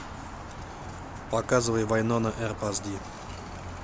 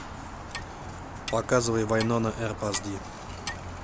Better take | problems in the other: first | background sound (Clock); 14 dB below the speech

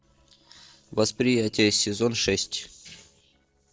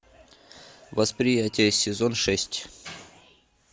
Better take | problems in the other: second | noise reduction (neural separator model SepFormer DNS4)

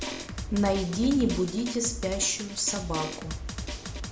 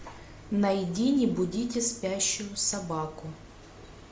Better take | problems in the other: second | background sound (Drum); 7 dB below the speech

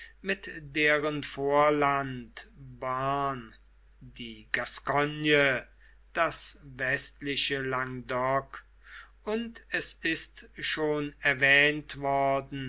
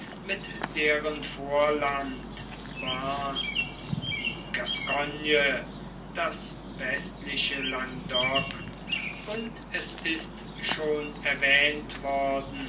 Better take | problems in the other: first | background sound (Bird vocalization, bird call, bird song); 6 dB below the speech // room echo; dies away in 0.3 s

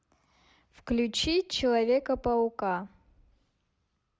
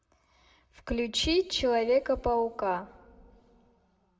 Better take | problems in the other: first | room echo; dies away in 0.4 s

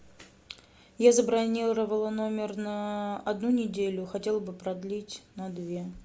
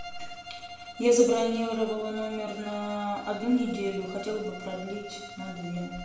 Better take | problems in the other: first | background sound (Bowed string instrument); 14 dB below the speech // room echo; dies away in 0.8 s

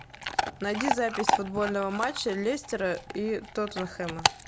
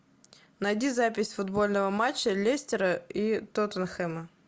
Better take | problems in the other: second | background sound (Chewing, mastication / Dog); 2 dB below the speech

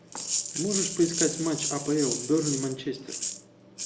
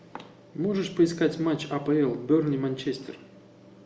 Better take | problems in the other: second | background sound (Rattle (instrument)); 3 dB below the speech

